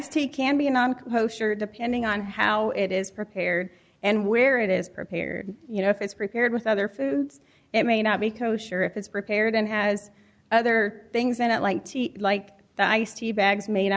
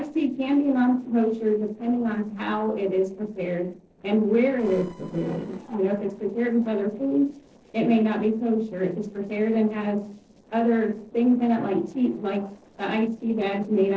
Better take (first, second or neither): first